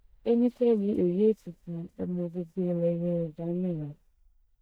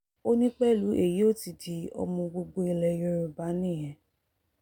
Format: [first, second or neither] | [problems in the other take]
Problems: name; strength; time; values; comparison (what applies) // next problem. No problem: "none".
second | noise reduction (neural mask model DeepFilterNet 3)